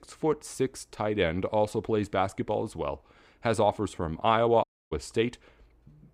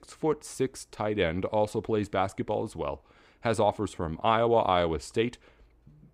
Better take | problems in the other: second | audio cutting out; at 4.5 s

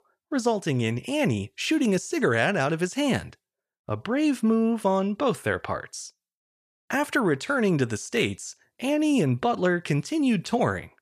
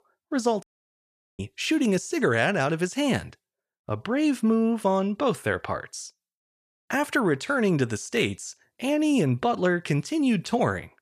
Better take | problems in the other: first | audio cutting out; at 0.5 s for 1 s

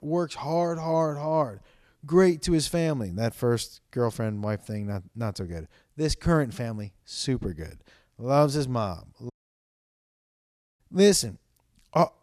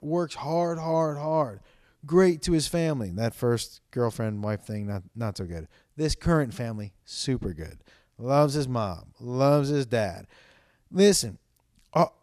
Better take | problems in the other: second | audio cutting out; at 9.5 s for 1.5 s

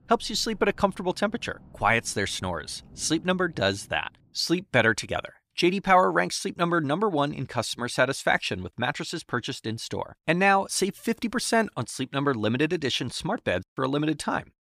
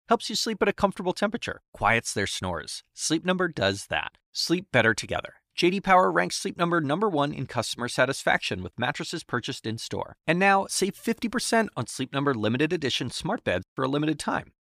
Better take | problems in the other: second | rain or running water; faint; until 3.5 s; 25 dB below the speech

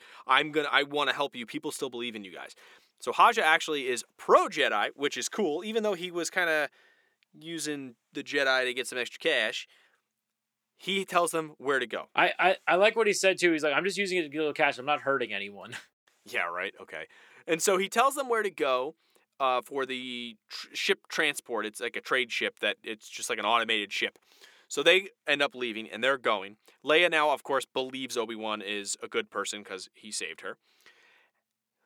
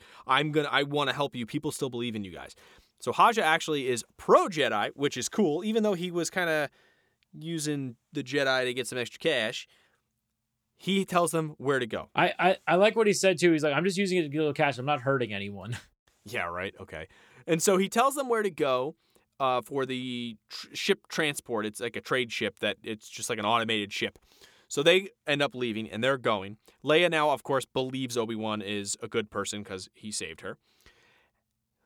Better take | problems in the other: second | thin; somewhat; fading below 300 Hz

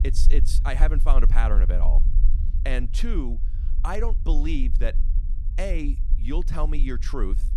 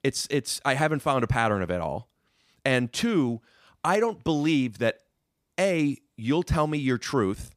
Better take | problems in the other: second | low rumble; noticeable; throughout; 15 dB below the speech

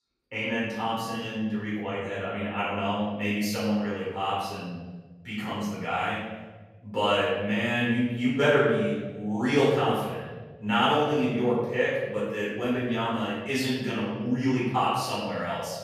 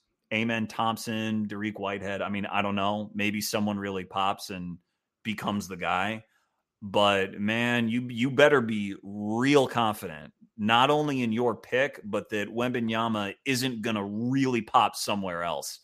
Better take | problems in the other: second | off-mic speech; far // room echo; strong; dies away in 1.4 s

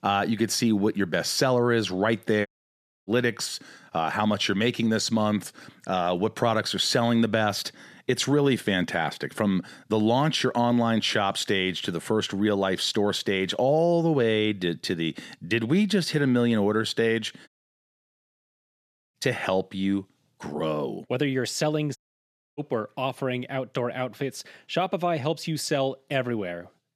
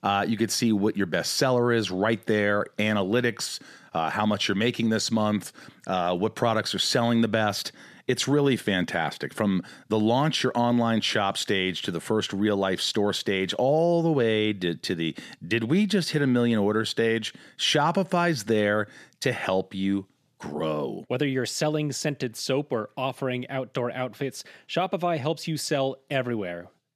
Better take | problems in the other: second | audio cutting out; at 2.5 s for 0.5 s, at 17 s for 1.5 s and at 22 s for 0.5 s

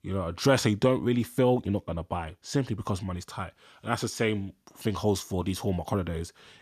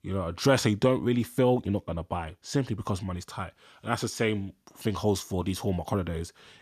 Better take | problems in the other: neither | none

